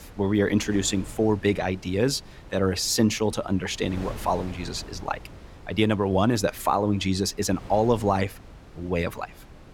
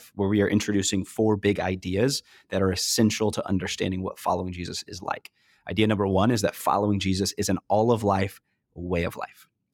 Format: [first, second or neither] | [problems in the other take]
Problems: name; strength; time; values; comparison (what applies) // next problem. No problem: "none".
second | wind noise on the microphone; occasional gusts; 20 dB below the speech